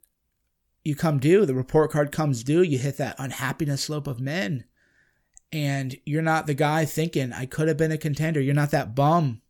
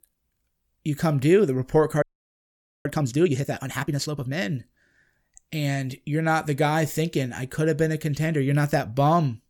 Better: first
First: none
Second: audio freezing; at 2 s for 1 s

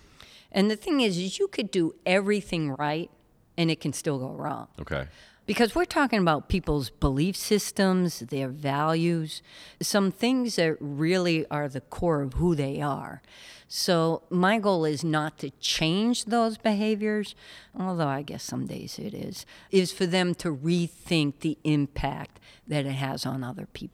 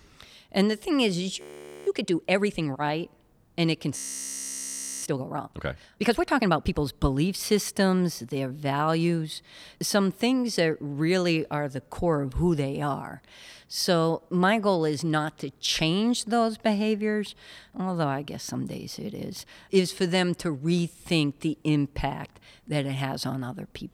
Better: first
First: none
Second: audio freezing; at 1.5 s and at 4 s for 1 s

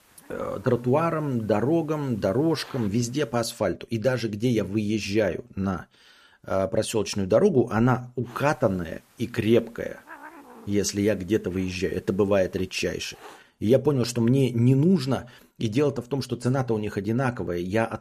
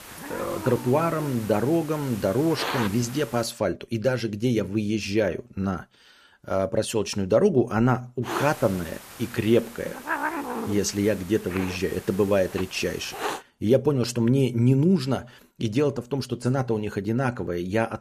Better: first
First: hiss; faint; until 3.5 s and from 8.5 to 13 s; 25 dB below the speech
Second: hiss; loud; until 3.5 s and from 8.5 to 13 s; 10 dB below the speech

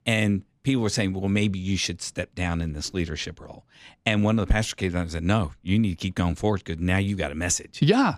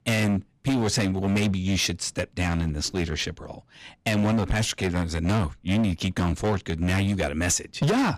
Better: first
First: none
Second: distortion; heavy; 14% of the sound clipped

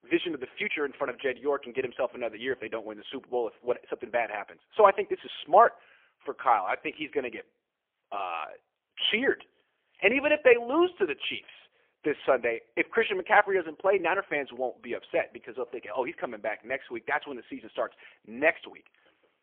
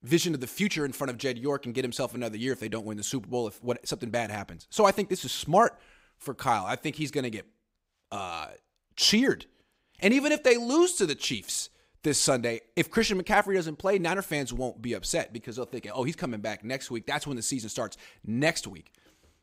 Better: second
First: phone-call audio; poor line; nothing above 3.5 kHz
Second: none

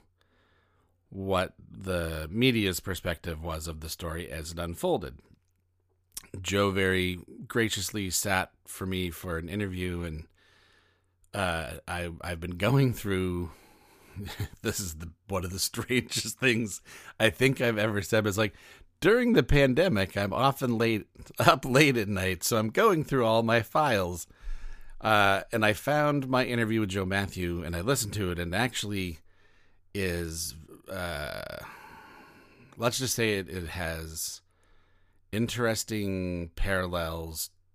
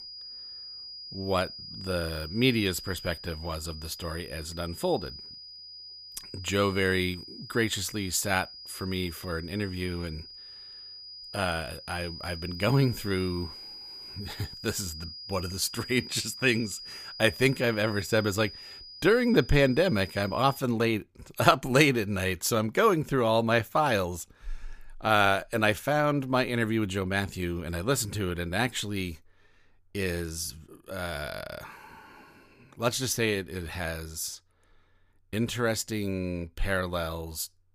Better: first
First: none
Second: high-pitched whine; noticeable; until 21 s; 5 kHz, 15 dB below the speech

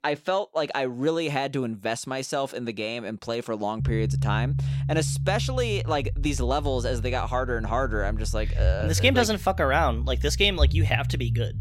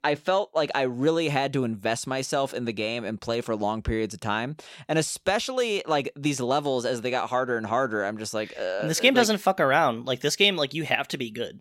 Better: second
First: low rumble; noticeable; from 4 s on; 15 dB below the speech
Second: none

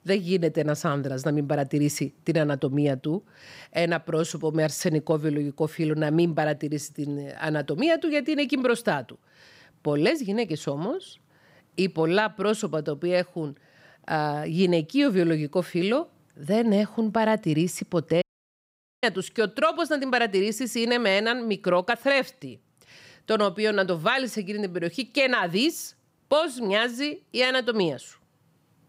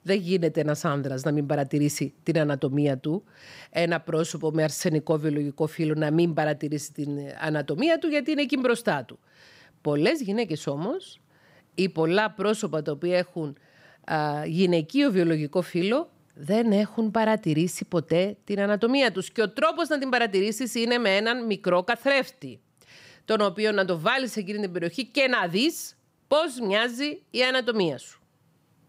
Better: second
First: audio cutting out; at 18 s for 1 s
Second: none

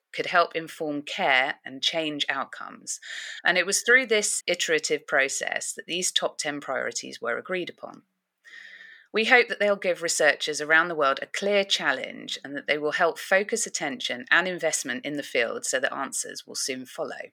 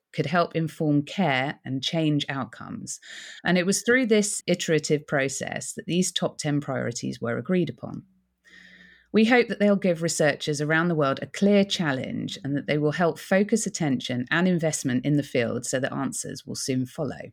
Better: second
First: thin; very; fading below 500 Hz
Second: none

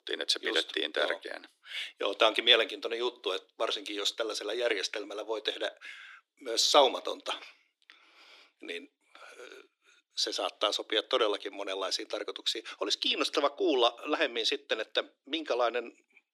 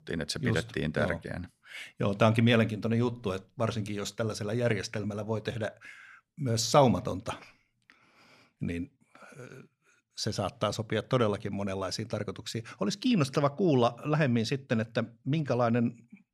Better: second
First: thin; very; fading below 300 Hz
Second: none

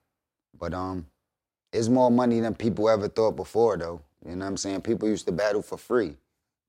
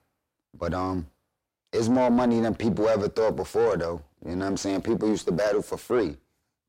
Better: first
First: none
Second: distortion; slight; 10 dB below the speech

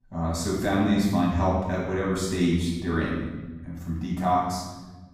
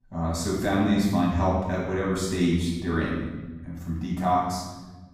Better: neither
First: room echo; noticeable; dies away in 1.1 s // off-mic speech; far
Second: room echo; noticeable; dies away in 1.1 s // off-mic speech; far

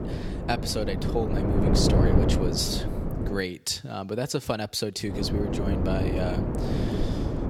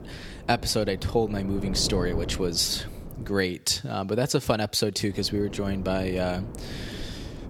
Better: second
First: wind noise on the microphone; heavy; until 3.5 s and from 5 s on; 2 dB below the speech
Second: wind noise on the microphone; occasional gusts; until 3.5 s and from 5 s on; 15 dB below the speech

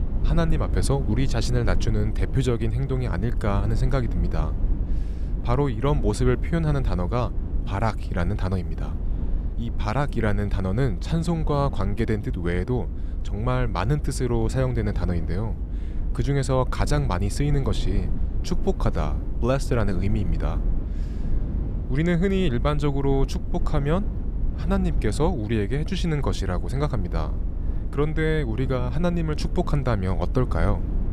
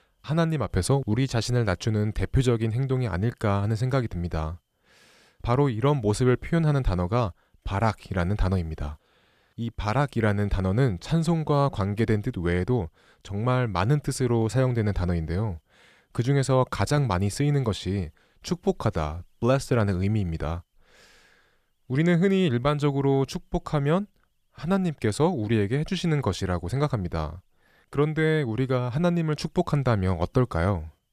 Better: second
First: low rumble; noticeable; throughout; 15 dB below the speech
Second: none

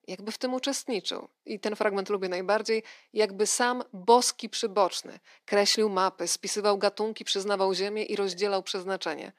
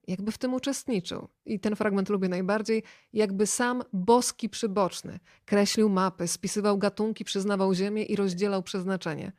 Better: second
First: thin; somewhat; fading below 250 Hz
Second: none

